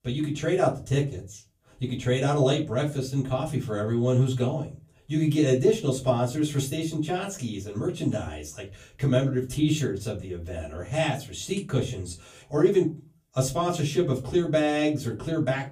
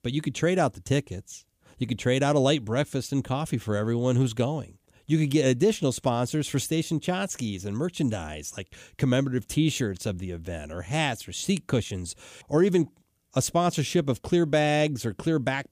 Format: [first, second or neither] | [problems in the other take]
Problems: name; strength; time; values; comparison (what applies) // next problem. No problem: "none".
second | off-mic speech; far // room echo; very slight; dies away in 0.2 s